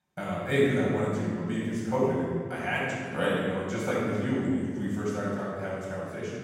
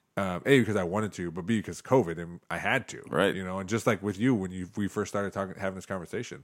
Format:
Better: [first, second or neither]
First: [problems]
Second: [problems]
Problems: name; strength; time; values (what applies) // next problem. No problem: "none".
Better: second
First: off-mic speech; far // room echo; strong; dies away in 1.9 s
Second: none